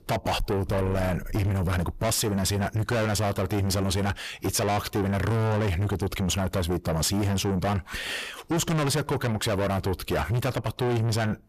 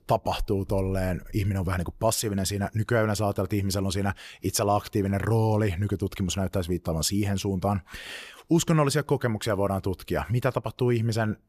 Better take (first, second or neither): second